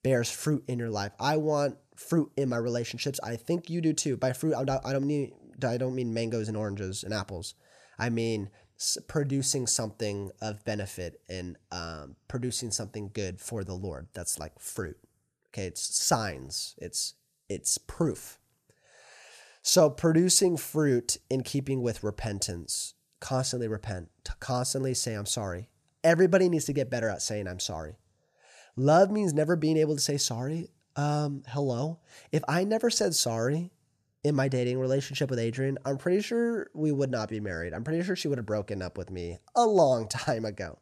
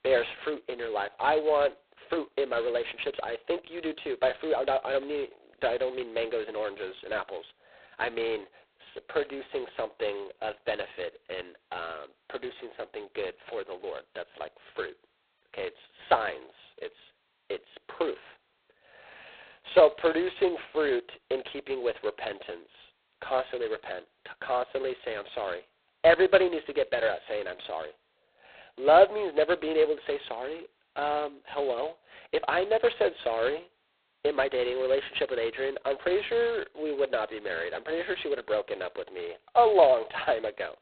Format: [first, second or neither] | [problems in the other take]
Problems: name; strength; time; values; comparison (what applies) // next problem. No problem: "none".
first | phone-call audio; poor line; nothing above 4 kHz